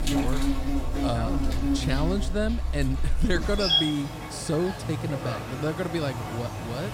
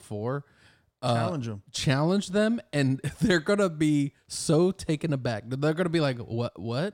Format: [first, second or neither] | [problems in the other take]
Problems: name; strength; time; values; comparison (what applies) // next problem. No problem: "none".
second | animal sounds; very loud; throughout; 1 dB above the speech